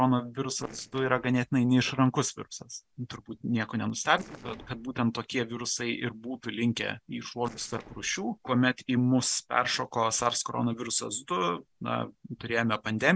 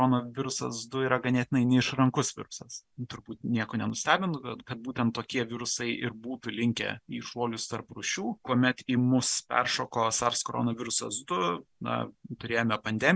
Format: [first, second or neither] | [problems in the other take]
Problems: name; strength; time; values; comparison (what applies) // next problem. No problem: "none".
second | noise reduction (neural separator model SepFormer DNS4)